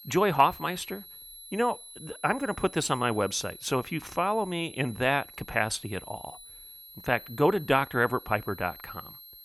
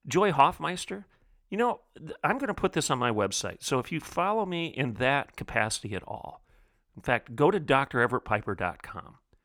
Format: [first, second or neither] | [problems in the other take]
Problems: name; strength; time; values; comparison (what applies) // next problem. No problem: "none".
second | high-pitched whine; noticeable; throughout; 11 kHz, 15 dB below the speech